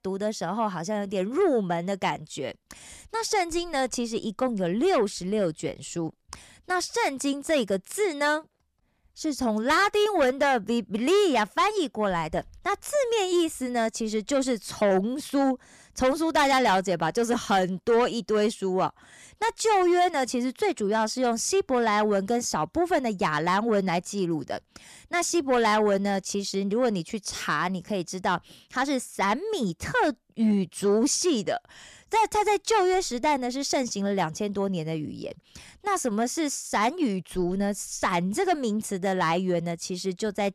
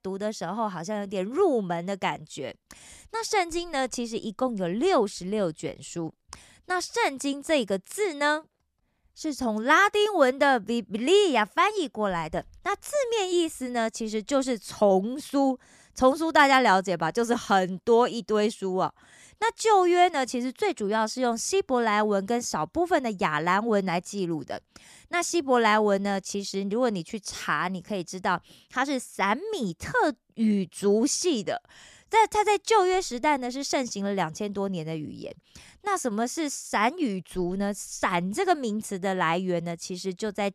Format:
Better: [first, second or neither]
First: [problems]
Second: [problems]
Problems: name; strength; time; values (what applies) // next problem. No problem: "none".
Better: second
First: distortion; slight; 10 dB below the speech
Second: none